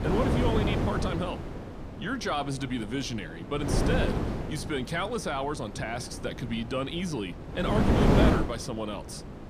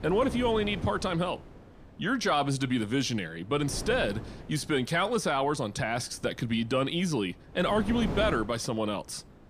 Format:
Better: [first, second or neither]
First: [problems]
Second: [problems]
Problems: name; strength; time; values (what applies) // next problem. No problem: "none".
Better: second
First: wind noise on the microphone; heavy; 1 dB above the speech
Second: wind noise on the microphone; occasional gusts; 15 dB below the speech